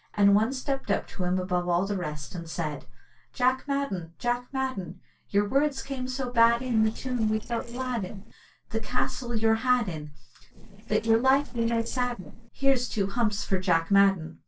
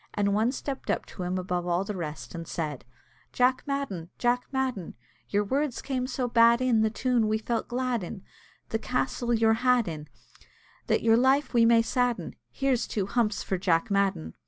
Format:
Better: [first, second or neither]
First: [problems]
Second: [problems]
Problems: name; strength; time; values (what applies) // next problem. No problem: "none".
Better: second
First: noise reduction (neural separator model SepFormer DNS4)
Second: none